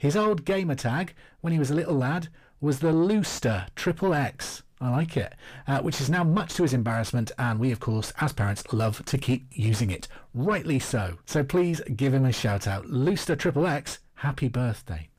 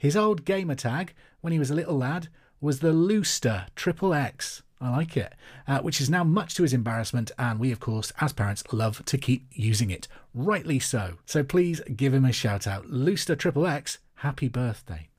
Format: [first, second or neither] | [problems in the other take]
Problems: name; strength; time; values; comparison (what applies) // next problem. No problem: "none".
second | distortion; slight; 10 dB below the speech